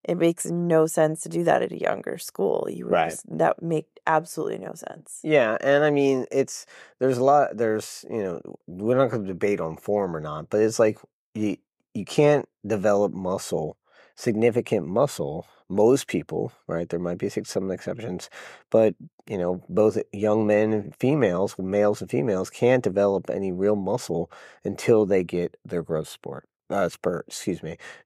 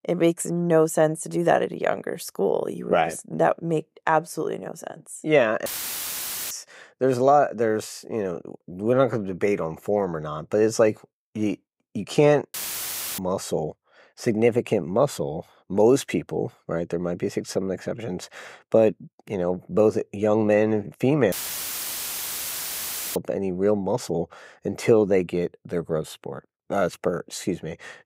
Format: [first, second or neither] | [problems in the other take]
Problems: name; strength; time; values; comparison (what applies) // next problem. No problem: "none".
first | audio cutting out; filled with static; at 5.5 s for 1 s, at 13 s for 0.5 s and at 21 s for 2 s